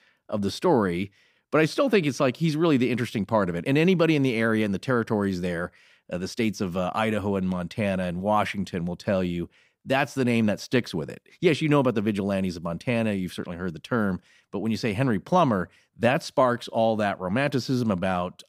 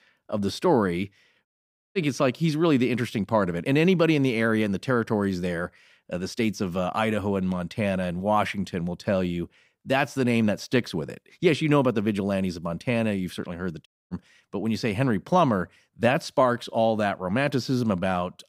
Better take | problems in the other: first | audio cutting out; at 1.5 s and at 14 s

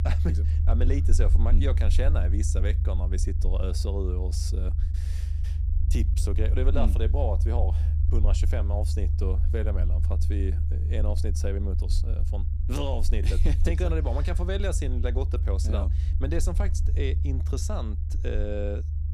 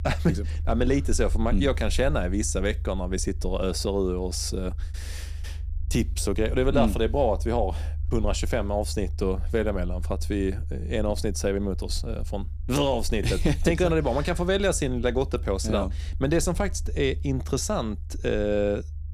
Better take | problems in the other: second | low rumble; loud; throughout; 8 dB below the speech; faint in the second

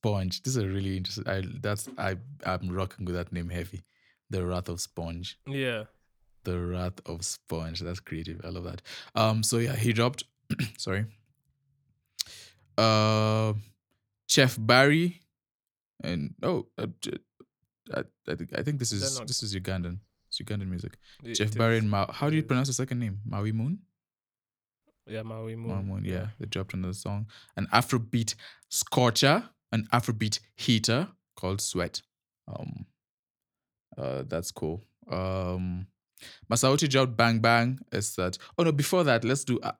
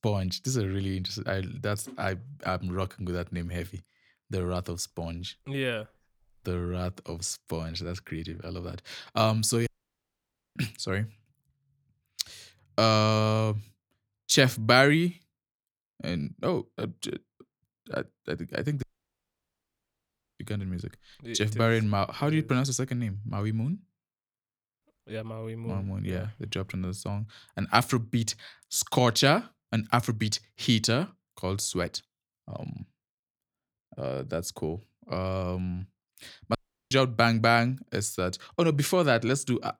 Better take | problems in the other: first | audio cutting out; at 9.5 s for 1 s, at 19 s for 1.5 s and at 37 s

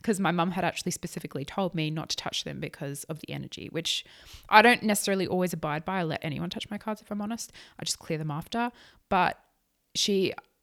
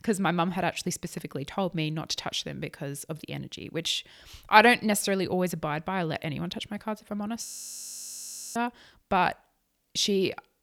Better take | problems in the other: first | audio freezing; at 7.5 s for 1 s

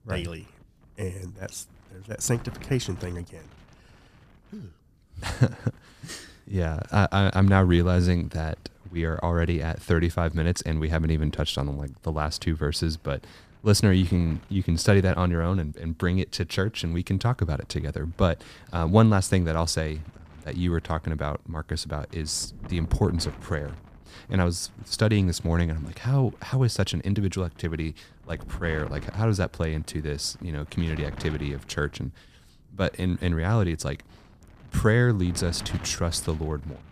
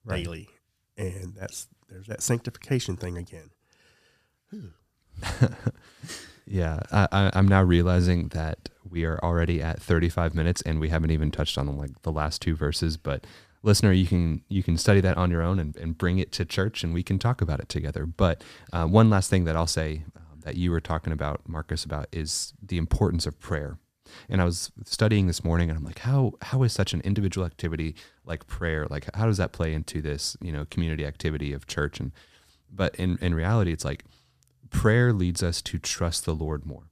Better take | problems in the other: second | wind noise on the microphone; occasional gusts; 20 dB below the speech

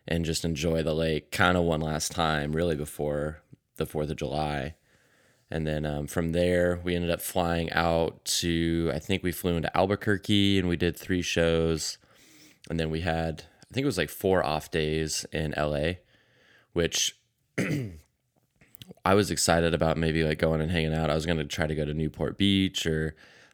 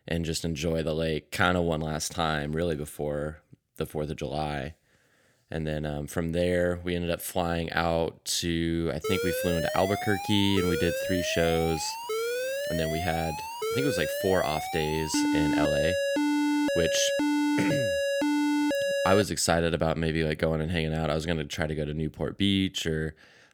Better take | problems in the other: first | alarm; loud; from 9 to 19 s; peak 3 dB above the speech

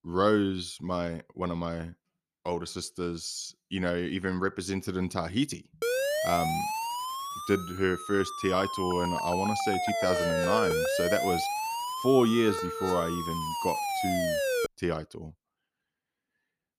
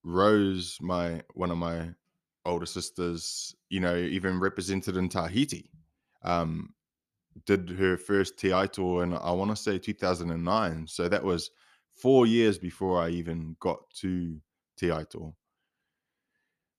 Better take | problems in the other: second | siren; loud; from 6 to 15 s; peak 3 dB above the speech

